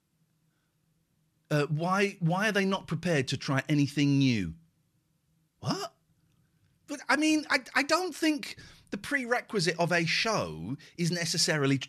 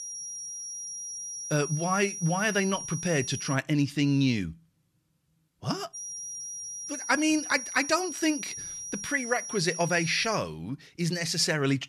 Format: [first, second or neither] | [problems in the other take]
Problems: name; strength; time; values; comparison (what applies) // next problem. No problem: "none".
first | high-pitched whine; loud; until 3.5 s and from 6 to 10 s; 5.5 kHz, 8 dB below the speech